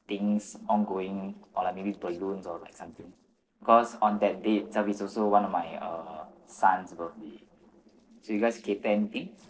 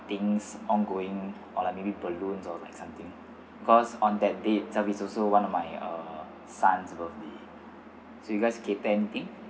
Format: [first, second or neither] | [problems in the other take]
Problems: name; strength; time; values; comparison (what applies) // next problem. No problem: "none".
second | noise reduction (neural separator model SepFormer DNS4)